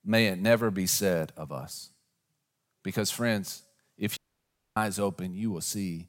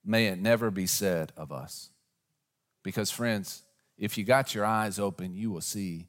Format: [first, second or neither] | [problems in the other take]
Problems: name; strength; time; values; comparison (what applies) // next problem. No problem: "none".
second | audio cutting out; at 4 s for 0.5 s